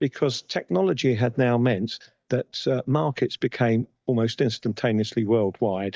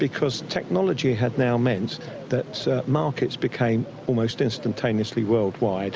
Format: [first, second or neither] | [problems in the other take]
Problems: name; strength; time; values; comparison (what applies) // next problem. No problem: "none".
second | noise reduction (neural mask model DeepFilterNet 3)